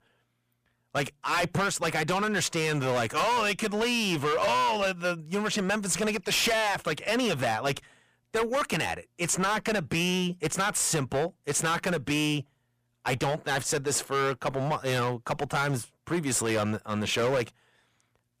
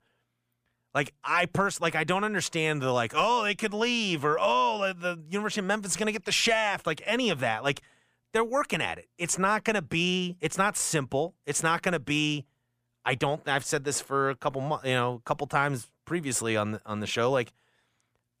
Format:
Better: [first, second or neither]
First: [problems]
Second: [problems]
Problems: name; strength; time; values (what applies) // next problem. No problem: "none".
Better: second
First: distortion; heavy; 15% of the sound clipped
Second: none